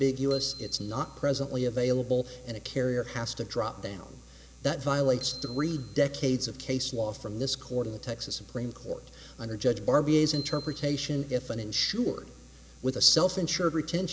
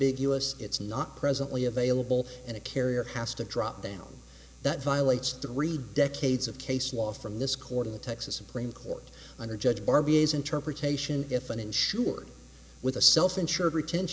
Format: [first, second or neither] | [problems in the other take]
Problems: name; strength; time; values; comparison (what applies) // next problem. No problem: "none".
second | background sound (Bicycle bell); 19 dB below the speech